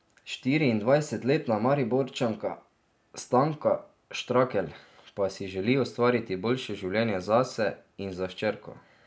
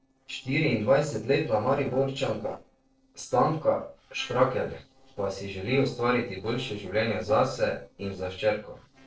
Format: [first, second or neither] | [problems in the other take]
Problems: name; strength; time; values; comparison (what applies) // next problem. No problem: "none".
first | noise reduction (neural separator model SepFormer DNS4)